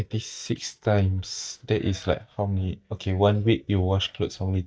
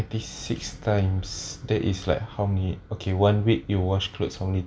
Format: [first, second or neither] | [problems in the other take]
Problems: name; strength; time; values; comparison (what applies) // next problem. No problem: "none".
second | noise reduction (neural mask model DeepFilterNet 3)